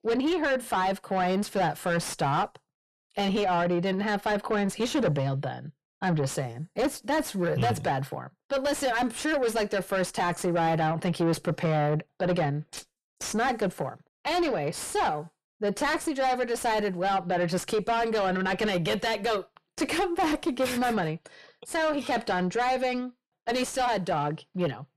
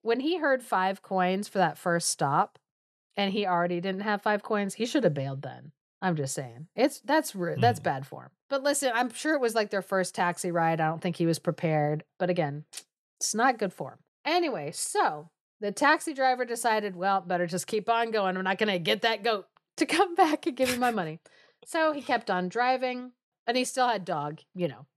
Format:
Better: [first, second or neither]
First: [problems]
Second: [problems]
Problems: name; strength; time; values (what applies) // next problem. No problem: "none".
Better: second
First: distortion; heavy; 5 dB below the speech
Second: none